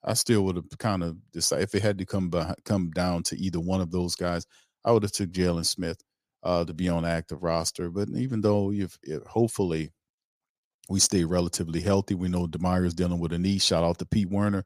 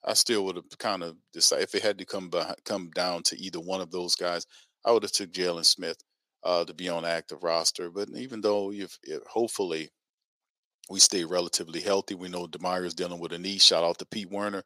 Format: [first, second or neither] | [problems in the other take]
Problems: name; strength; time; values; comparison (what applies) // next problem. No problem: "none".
first | thin; somewhat; fading below 450 Hz